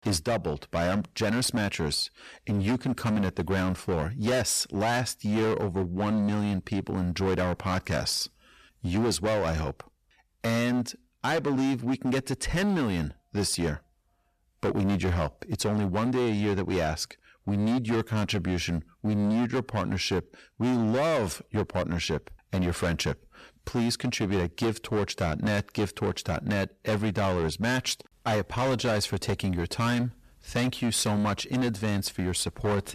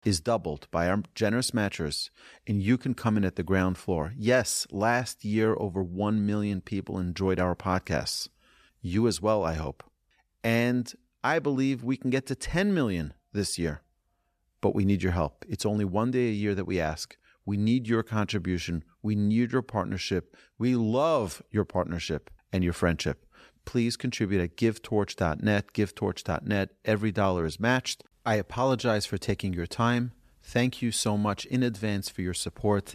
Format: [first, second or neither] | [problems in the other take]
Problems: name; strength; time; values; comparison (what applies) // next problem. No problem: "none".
second | distortion; heavy; 19% of the sound clipped